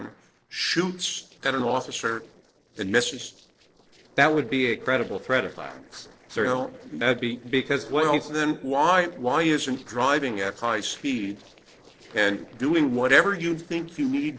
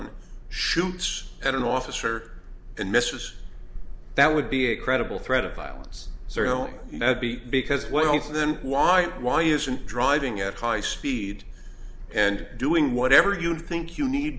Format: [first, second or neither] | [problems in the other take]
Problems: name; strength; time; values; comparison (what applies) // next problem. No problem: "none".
second | noise reduction (neural separator model SepFormer DNS4)